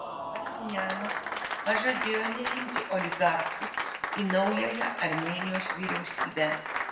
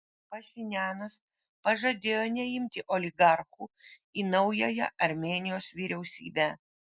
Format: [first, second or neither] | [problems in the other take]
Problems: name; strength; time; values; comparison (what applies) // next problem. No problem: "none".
second | background sound (Applause); 2 dB below the speech // room echo; dies away in 0.7 s